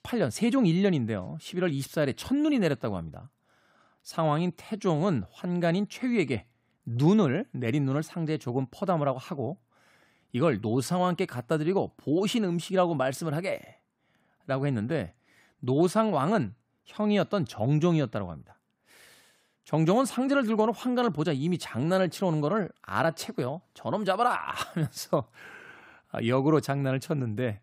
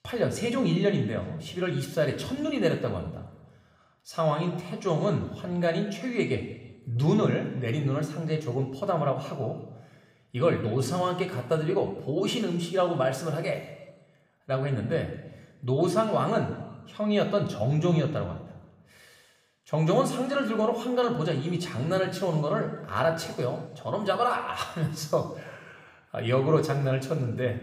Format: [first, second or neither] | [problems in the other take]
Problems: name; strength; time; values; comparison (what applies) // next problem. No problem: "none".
first | room echo; slight; dies away in 1 s